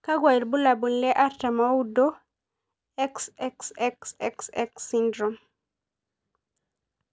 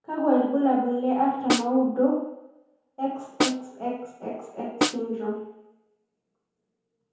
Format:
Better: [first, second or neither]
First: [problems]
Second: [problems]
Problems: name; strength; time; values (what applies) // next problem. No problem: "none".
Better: first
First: none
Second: background sound (Snare drum); 2 dB below the speech // room echo; dies away in 0.8 s